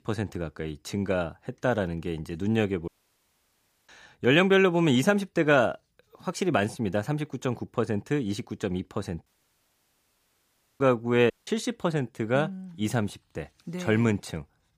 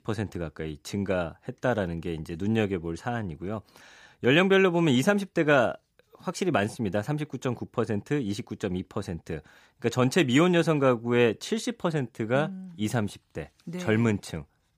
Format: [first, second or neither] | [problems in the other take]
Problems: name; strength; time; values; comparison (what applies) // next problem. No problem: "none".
second | audio cutting out; at 3 s for 1 s, at 9.5 s for 1.5 s and at 11 s